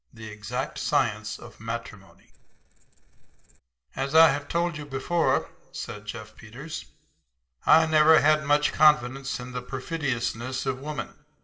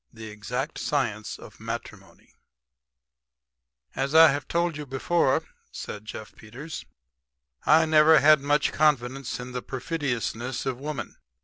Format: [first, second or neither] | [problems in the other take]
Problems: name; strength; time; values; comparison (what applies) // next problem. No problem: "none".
second | noise reduction (neural separator model SepFormer DNS4)